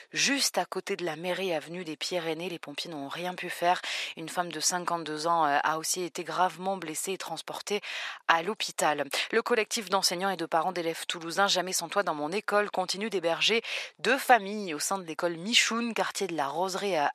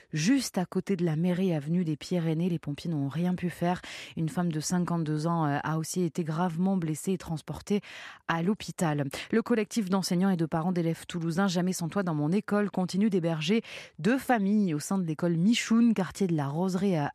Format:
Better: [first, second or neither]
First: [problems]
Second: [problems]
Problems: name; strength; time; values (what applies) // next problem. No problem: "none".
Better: second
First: thin; very; fading below 650 Hz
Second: none